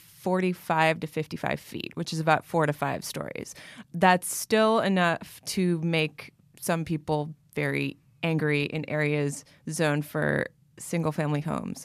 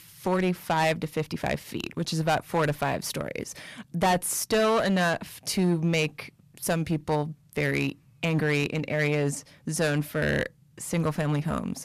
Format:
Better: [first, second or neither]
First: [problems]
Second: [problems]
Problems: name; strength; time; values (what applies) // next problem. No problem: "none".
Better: first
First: none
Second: distortion; heavy; 8% of the sound clipped